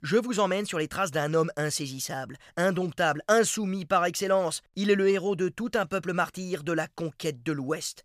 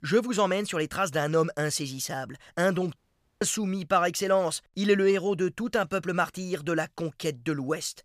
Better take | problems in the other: first | audio cutting out; at 3 s

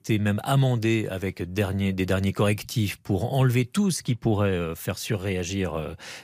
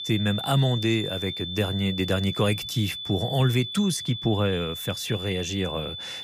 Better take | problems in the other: first | high-pitched whine; loud; throughout; 3.5 kHz, 6 dB below the speech

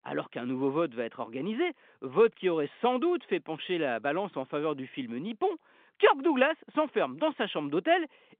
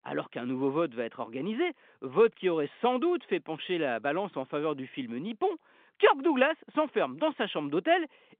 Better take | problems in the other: neither | phone-call audio; the same in both

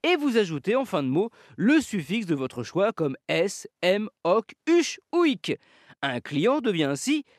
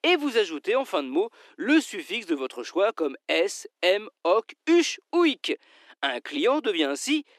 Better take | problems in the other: first | thin; very slightly; fading below 300 Hz

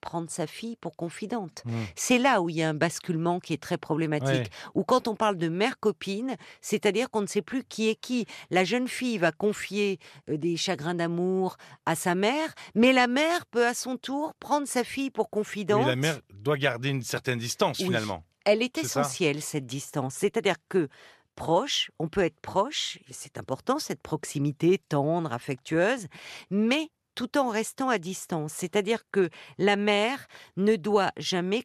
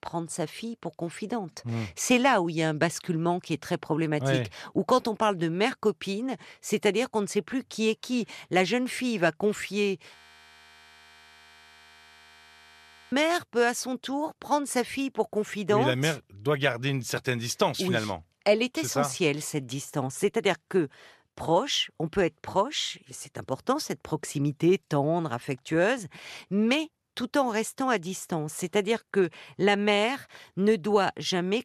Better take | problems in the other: first | audio freezing; at 10 s for 3 s

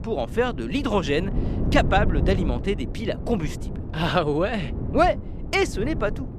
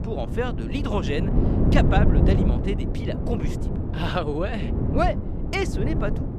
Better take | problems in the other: first | wind noise on the microphone; heavy; 4 dB below the speech; occasional gusts in the first

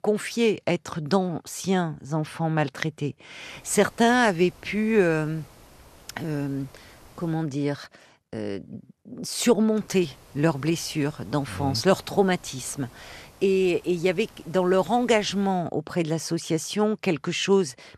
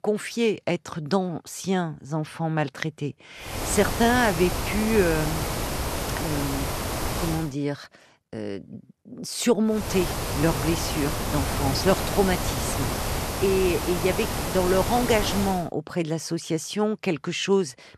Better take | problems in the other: first | hiss; loud; from 3.5 to 7.5 s and from 10 to 16 s; 3 dB below the speech; faint in the first

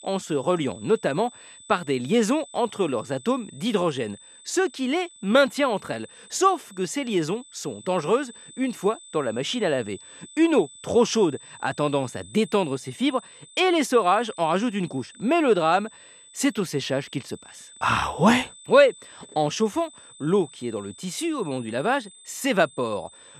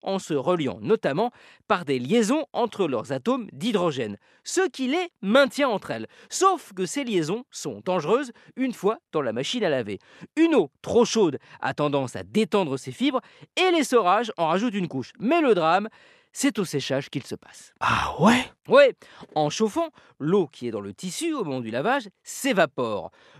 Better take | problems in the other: second | high-pitched whine; faint; throughout; 8 kHz, 20 dB below the speech

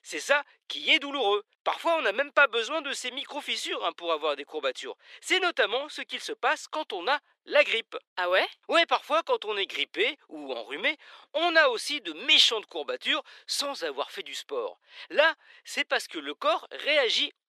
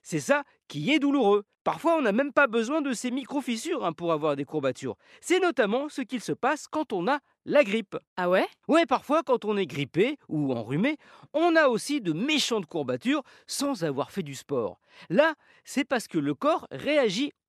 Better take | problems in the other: second | thin; very; fading below 400 Hz

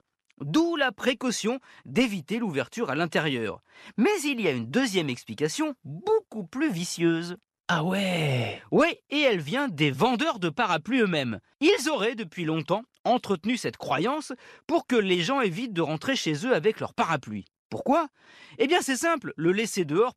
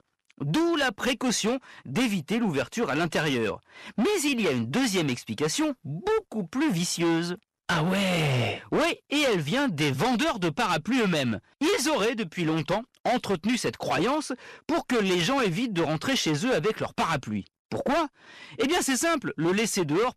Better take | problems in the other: first | distortion; heavy; 18% of the sound clipped

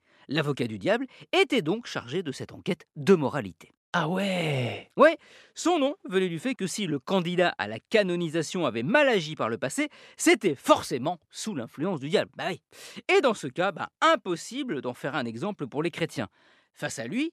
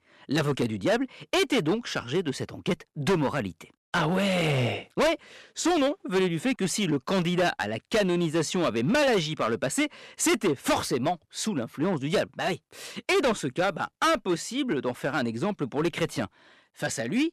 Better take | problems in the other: first | distortion; heavy; 10% of the sound clipped

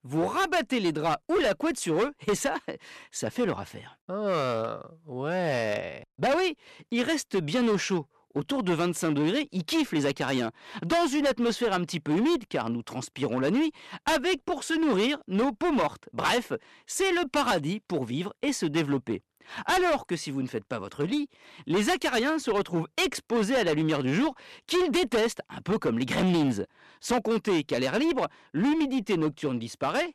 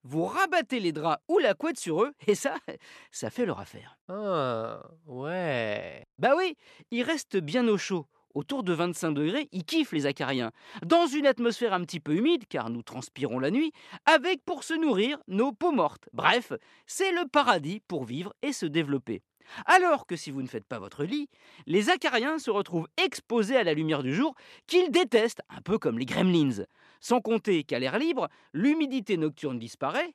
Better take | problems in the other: second | distortion; heavy; 13% of the sound clipped

